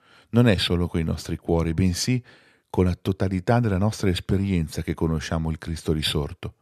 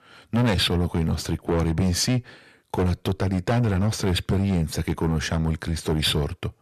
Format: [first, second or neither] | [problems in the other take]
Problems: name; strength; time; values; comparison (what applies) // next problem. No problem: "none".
first | distortion; heavy; 7 dB below the speech